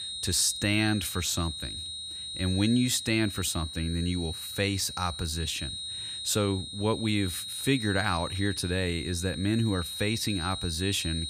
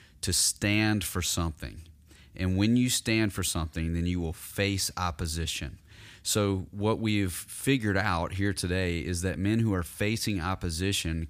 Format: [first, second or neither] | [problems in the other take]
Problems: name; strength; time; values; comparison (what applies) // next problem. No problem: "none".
second | high-pitched whine; loud; throughout; 4 kHz, 7 dB below the speech